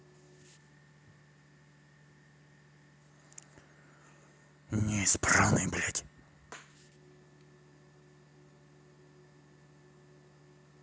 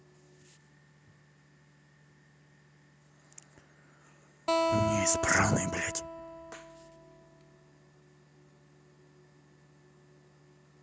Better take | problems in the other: first | background sound (Acoustic guitar); 3 dB above the speech

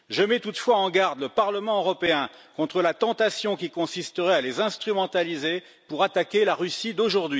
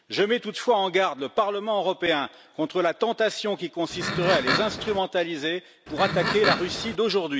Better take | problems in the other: first | background sound (Livestock, farm animals, working animals); 3 dB below the speech

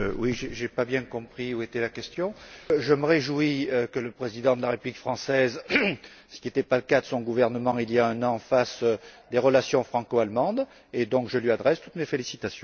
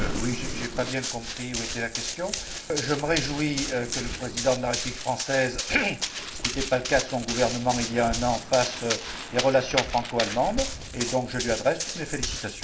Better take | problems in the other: first | background sound (Run); 5 dB below the speech // room echo; dies away in 0.8 s

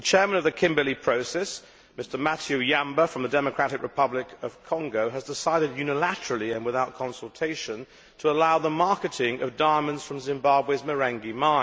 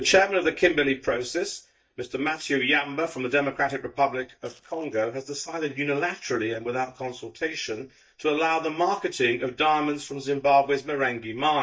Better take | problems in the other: first | noise reduction (neural mask model DeepFilterNet 3)

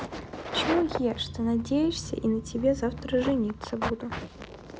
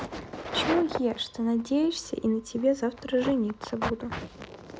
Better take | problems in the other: second | background sound (Engine starting / Accelerating, revving, vroom / Motor vehicle (road)); 14 dB below the speech

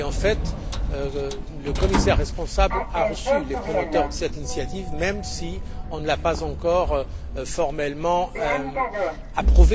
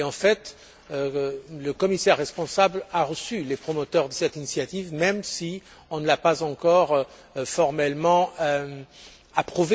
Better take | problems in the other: second | background sound (Sliding door); 3 dB above the speech

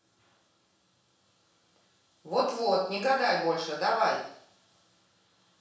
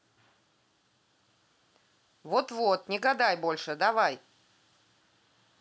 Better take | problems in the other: second | room echo; dies away in 0.7 s

